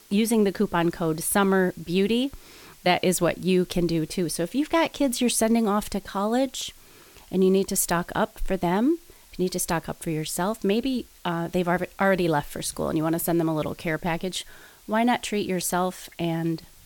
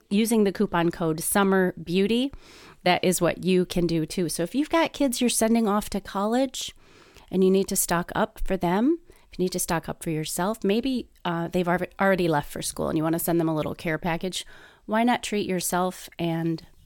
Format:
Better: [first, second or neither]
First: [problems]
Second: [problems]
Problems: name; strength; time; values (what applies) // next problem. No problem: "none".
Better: second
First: hiss; faint; throughout; 25 dB below the speech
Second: none